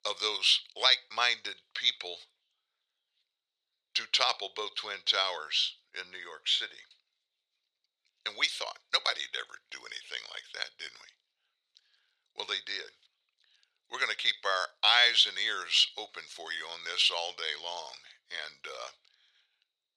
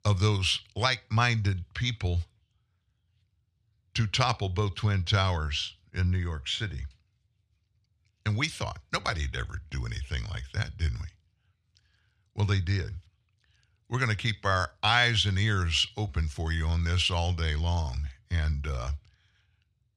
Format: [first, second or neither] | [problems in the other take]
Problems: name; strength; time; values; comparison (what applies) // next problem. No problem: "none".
second | thin; very; fading below 500 Hz